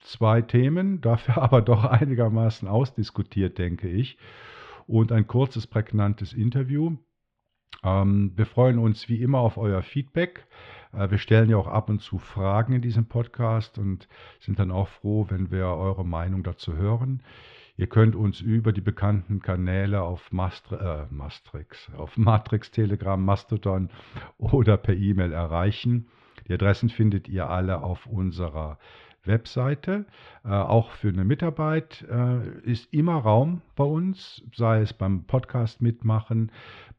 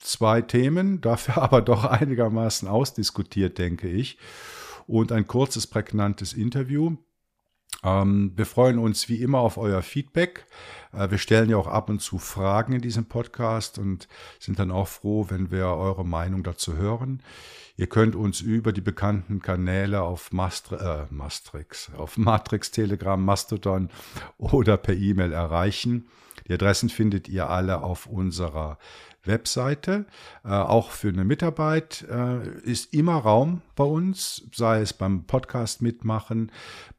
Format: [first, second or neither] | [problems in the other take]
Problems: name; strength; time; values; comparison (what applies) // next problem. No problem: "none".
second | muffled; slightly; fading above 3.5 kHz